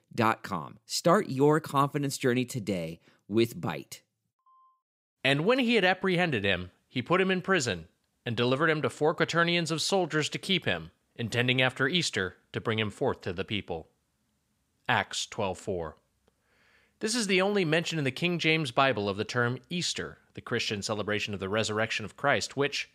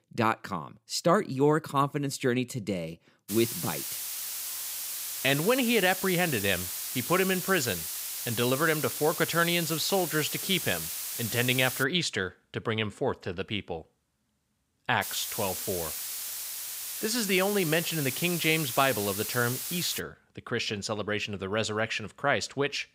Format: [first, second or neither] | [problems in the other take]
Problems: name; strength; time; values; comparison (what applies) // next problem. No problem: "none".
first | hiss; loud; from 3.5 to 12 s and from 15 to 20 s; 4 dB below the speech